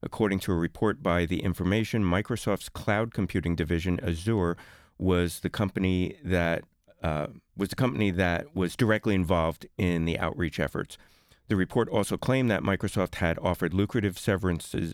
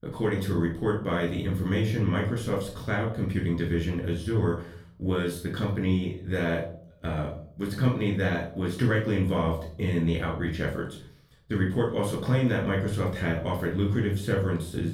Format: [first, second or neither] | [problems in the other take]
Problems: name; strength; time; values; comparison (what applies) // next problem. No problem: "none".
first | off-mic speech; far // room echo; noticeable; dies away in 0.4 s